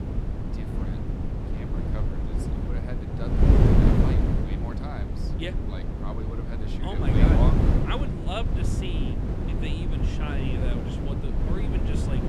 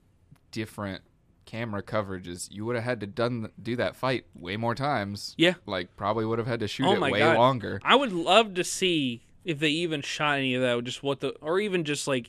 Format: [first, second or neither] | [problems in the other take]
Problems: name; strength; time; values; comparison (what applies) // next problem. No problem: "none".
second | wind noise on the microphone; heavy; 3 dB above the speech